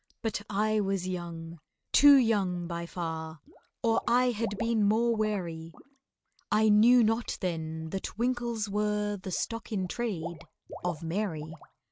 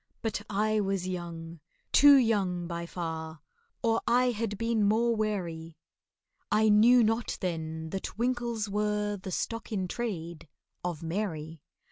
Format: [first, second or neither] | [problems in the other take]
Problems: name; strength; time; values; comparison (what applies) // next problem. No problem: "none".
second | noise reduction (neural mask model RNNoise)